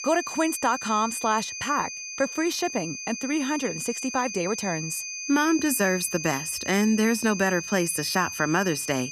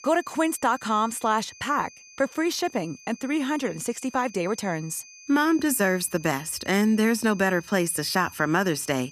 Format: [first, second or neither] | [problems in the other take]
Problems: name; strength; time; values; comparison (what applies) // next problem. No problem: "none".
second | high-pitched whine; loud; throughout; 6 kHz, 7 dB below the speech; faint in the second